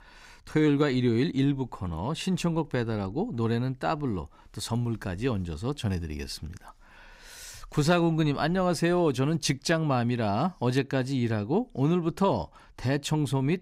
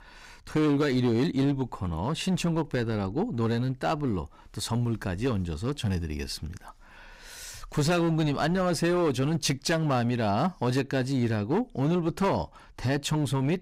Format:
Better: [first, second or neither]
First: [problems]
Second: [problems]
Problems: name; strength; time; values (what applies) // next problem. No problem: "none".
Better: first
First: none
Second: distortion; slight; 9% of the sound clipped